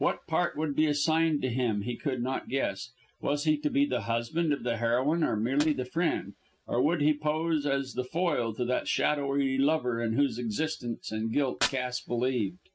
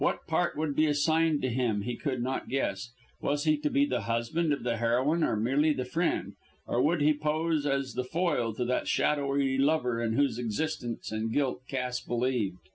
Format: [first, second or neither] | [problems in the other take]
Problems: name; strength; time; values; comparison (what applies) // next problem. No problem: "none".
second | noise reduction (neural mask model RNNoise)